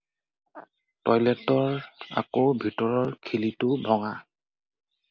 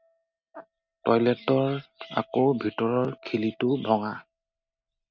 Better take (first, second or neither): first